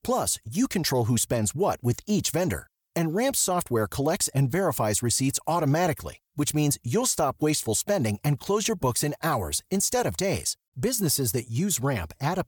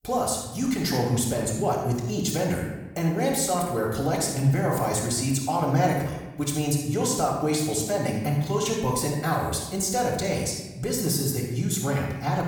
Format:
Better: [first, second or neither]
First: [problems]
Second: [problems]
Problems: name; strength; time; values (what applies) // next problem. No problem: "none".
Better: first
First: none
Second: off-mic speech; far // room echo; noticeable; dies away in 0.9 s